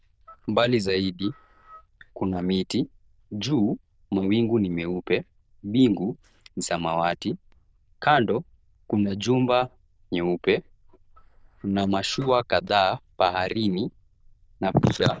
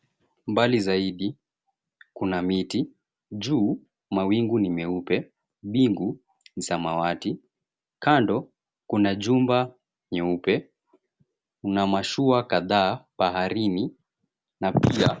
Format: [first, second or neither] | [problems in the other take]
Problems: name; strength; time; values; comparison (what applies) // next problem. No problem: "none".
second | noise reduction (neural diffusion model UNIVERSE++)